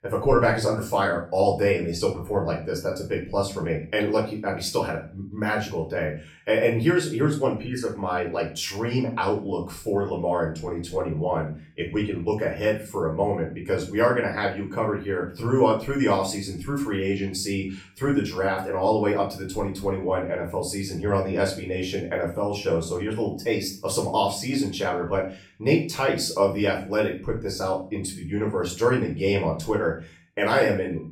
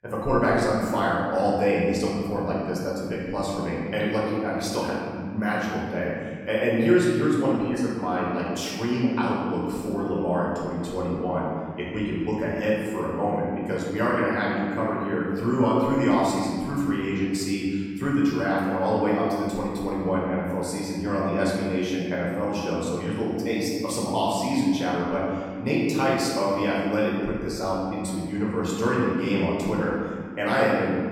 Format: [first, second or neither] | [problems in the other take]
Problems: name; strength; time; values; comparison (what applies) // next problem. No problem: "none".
first | room echo; strong; dies away in 1.7 s; slight in the first // off-mic speech; far; far in the first